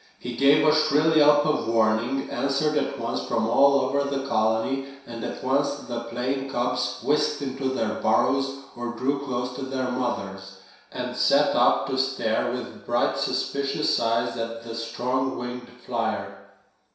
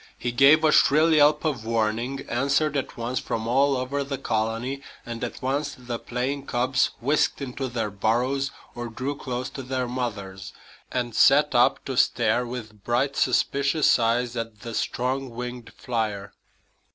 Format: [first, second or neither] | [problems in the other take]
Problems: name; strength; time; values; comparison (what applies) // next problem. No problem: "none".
second | room echo; dies away in 0.7 s